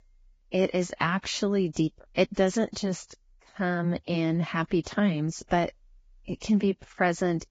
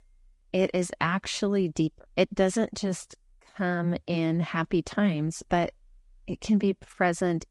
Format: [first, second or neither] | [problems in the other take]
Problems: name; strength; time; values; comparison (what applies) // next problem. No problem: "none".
second | garbled, watery; badly; nothing above 7.5 kHz; slightly in the second